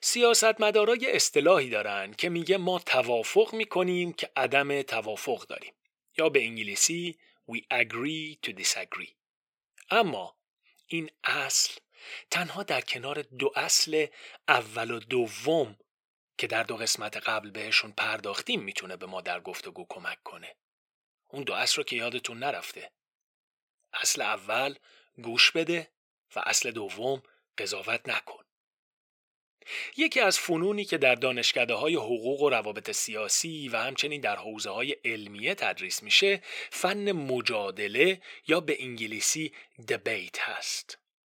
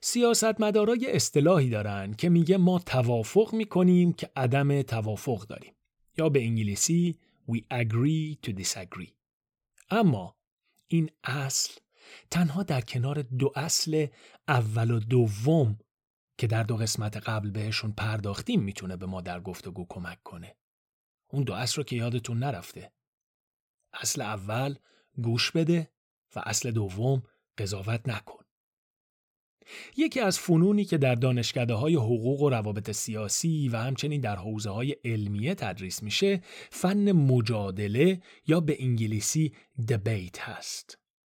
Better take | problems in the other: second | thin; very; fading below 500 Hz

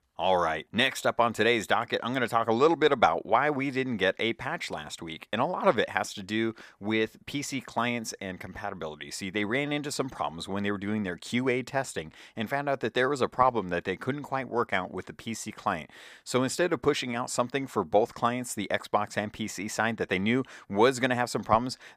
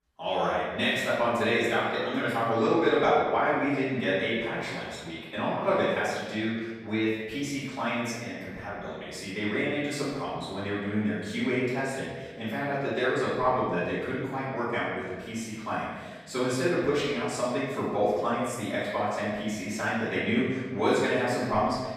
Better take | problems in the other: first | off-mic speech; far // room echo; strong; dies away in 1.3 s

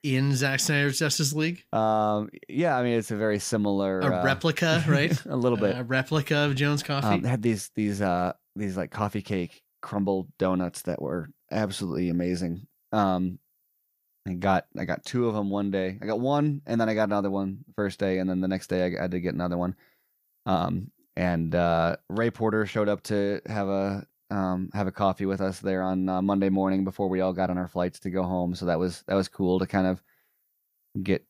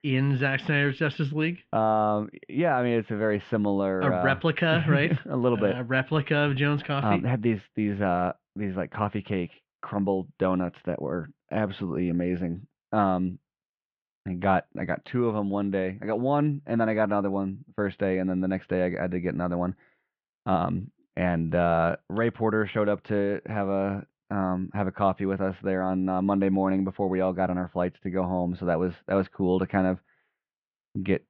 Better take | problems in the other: first | muffled; very; fading above 3 kHz

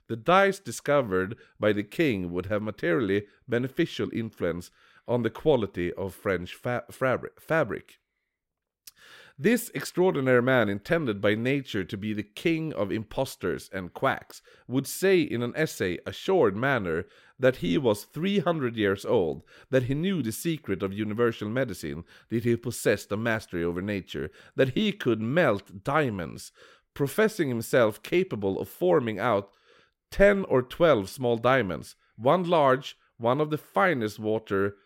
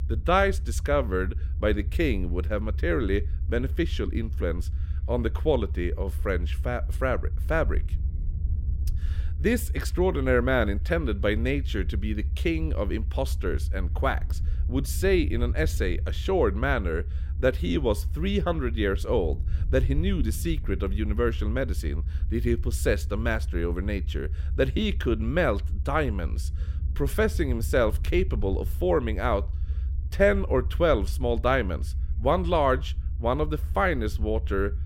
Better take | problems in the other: first | low rumble; faint; throughout; 20 dB below the speech

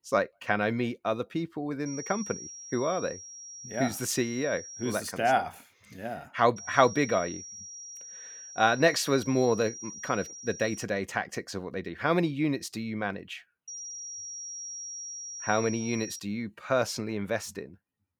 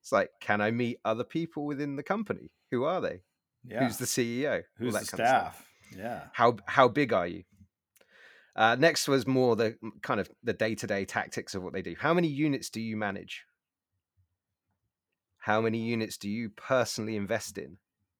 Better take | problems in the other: second | high-pitched whine; noticeable; from 2 to 5 s, from 6.5 to 11 s and from 14 to 16 s; 5.5 kHz, 10 dB below the speech

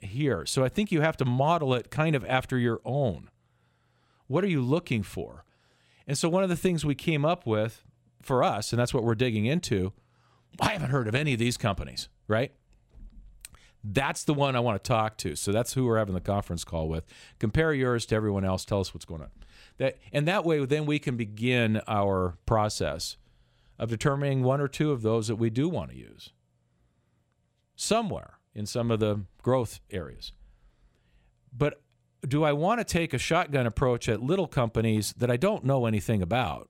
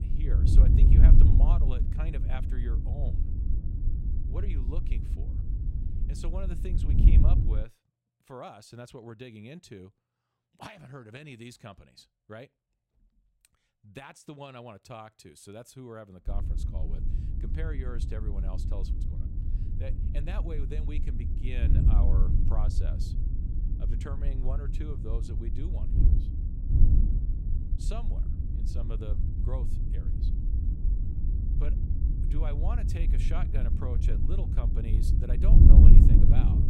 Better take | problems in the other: first | wind noise on the microphone; heavy; until 7.5 s and from 16 s on; 1 dB above the speech

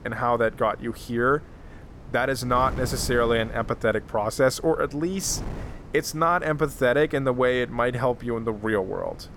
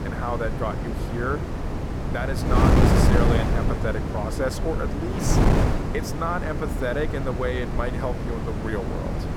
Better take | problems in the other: first | wind noise on the microphone; heavy; as loud as the speech; occasional gusts in the first

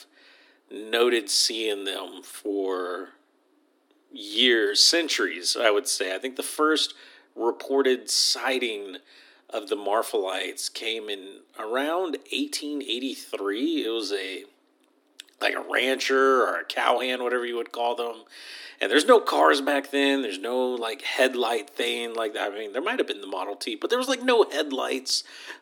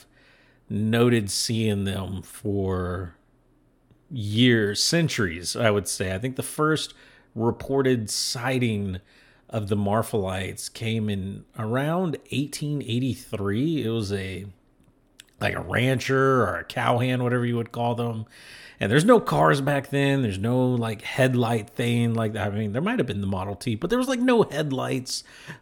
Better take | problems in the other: second | thin; somewhat; fading below 300 Hz

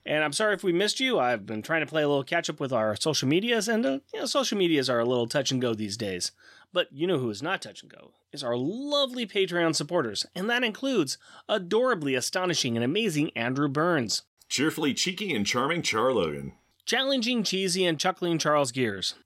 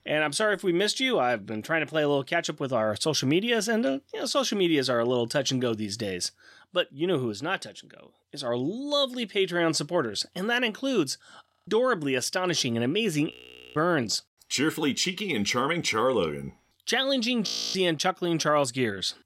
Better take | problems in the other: first | audio freezing; at 11 s, at 13 s and at 17 s

